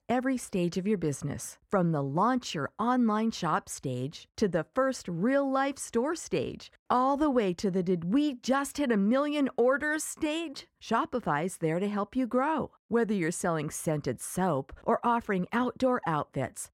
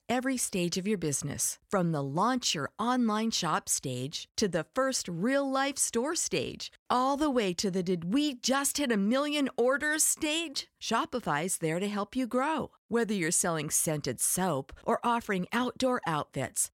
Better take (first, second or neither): second